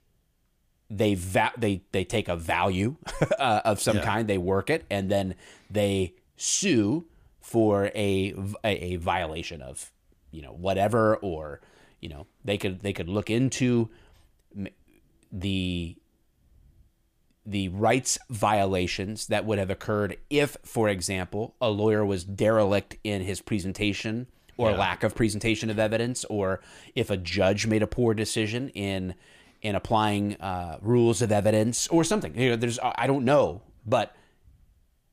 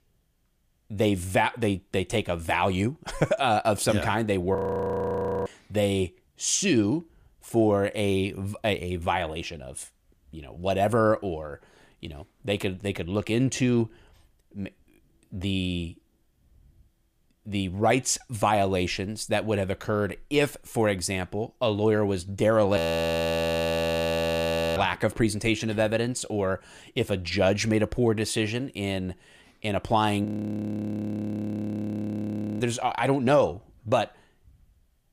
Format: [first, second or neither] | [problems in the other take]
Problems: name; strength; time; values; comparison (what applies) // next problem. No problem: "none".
first | audio freezing; at 4.5 s for 1 s, at 23 s for 2 s and at 30 s for 2.5 s